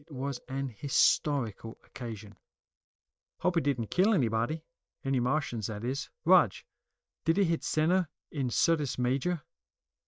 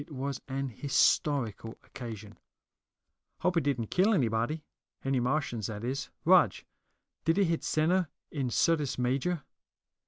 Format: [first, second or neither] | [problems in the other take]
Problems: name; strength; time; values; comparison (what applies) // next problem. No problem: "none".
second | noise reduction (neural mask model DeepFilterNet 3)